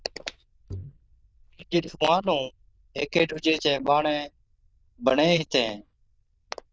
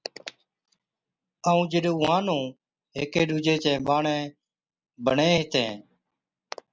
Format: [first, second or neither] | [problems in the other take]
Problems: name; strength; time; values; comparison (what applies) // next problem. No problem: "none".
second | noise reduction (neural diffusion model UNIVERSE++)